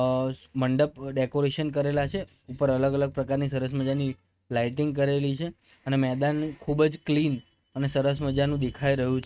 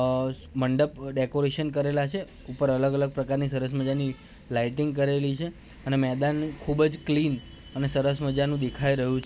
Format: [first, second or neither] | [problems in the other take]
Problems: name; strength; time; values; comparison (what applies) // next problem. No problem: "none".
second | noise reduction (neural mask model RNNoise)